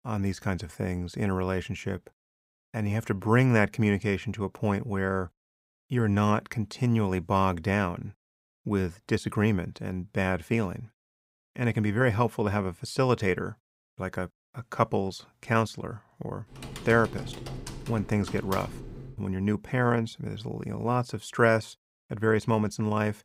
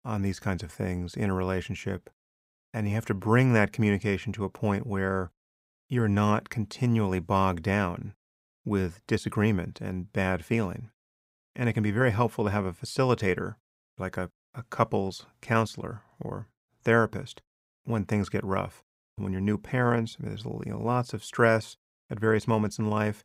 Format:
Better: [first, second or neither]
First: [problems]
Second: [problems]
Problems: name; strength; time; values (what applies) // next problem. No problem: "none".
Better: second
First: keyboard typing; faint; from 17 to 19 s; peak 10 dB below the speech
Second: none